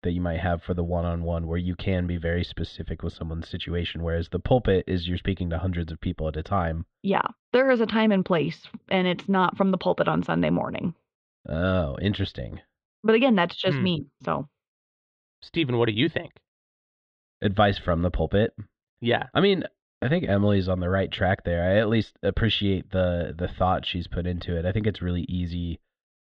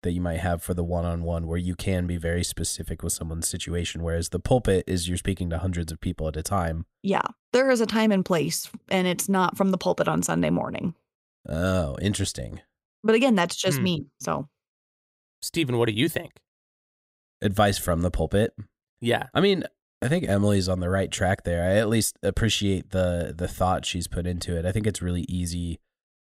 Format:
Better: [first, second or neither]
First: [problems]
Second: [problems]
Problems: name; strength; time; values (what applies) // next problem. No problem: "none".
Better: second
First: muffled; very; fading above 3.5 kHz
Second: none